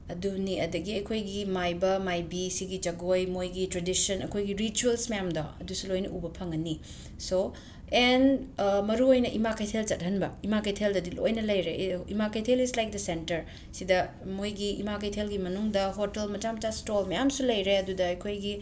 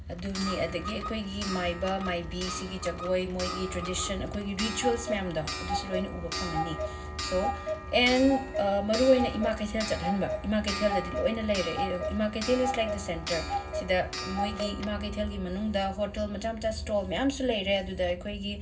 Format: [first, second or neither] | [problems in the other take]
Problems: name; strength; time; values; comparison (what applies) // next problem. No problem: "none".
first | background sound (Clock); 7 dB below the speech // room echo; dies away in 0.4 s